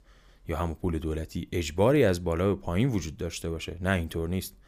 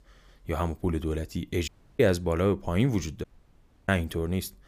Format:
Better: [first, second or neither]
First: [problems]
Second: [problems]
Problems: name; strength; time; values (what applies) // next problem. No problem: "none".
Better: first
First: none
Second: audio cutting out; at 1.5 s and at 3 s for 0.5 s